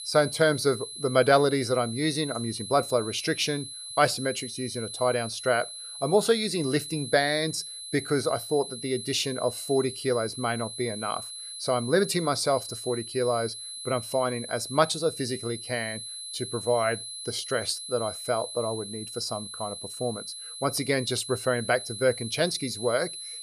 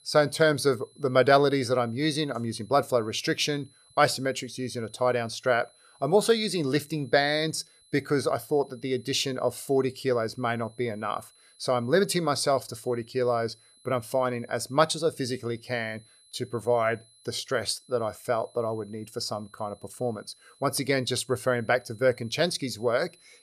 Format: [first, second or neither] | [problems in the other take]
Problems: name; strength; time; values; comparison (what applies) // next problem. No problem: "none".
second | high-pitched whine; loud; throughout; 4 kHz, 9 dB below the speech; faint in the second